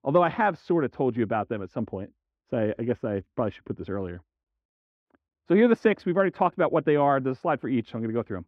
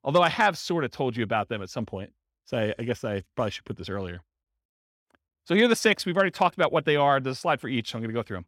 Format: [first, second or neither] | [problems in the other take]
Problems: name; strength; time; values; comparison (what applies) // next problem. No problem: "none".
second | muffled; very; fading above 3.5 kHz